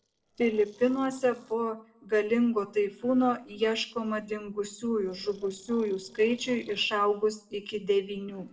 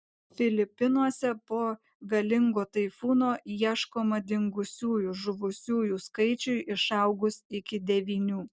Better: second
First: noise reduction (neural separator model SepFormer DNS4)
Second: none

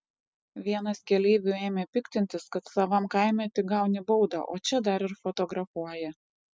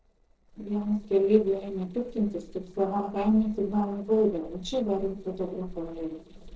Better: first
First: none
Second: noise reduction (neural separator model SepFormer DNS4)

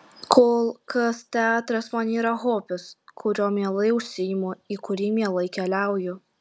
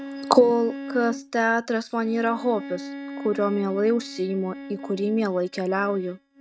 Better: first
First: none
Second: noise reduction (neural mask model RNNoise)

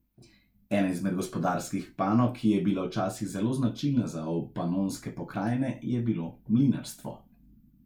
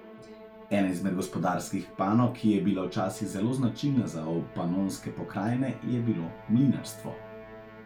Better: first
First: none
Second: background sound (Musical instrument); 18 dB below the speech

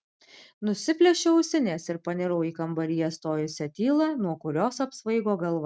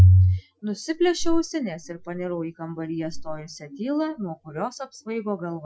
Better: first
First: none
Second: noise reduction (classical method Wiener filter)

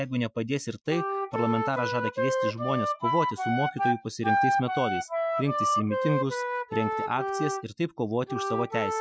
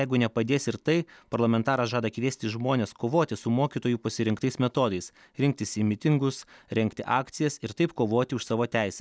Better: second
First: noise reduction (classical method Wiener filter)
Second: none

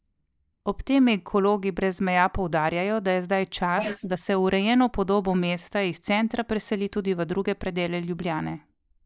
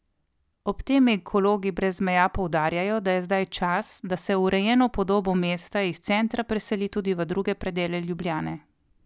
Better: second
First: noise reduction (neural mask model Resemble Enhance denoiser)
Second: none

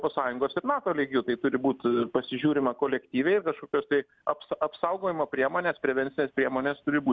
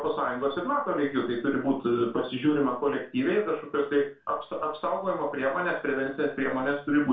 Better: first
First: none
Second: room echo; dies away in 0.3 s

